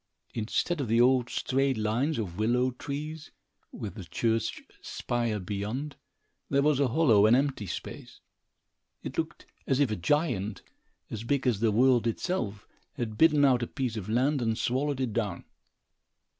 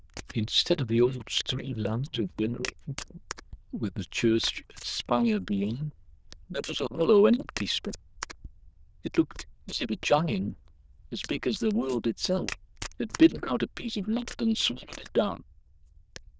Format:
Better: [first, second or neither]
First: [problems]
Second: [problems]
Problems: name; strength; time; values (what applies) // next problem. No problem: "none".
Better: first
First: none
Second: noise reduction (neural diffusion model UNIVERSE++)